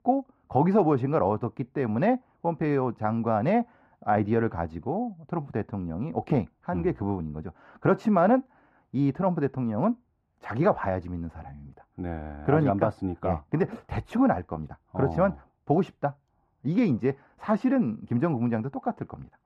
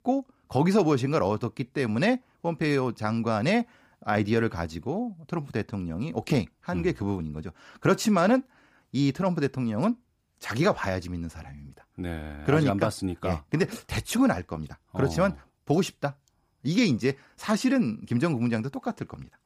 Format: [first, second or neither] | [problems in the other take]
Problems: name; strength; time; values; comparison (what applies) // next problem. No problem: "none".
second | muffled; very; fading above 3 kHz